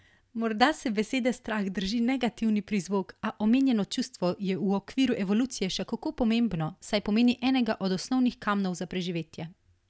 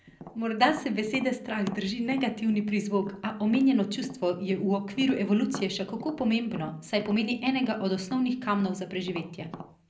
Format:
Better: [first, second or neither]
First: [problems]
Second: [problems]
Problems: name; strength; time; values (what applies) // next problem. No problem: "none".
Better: first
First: none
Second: background sound (Tap); 18 dB below the speech // room echo; dies away in 0.4 s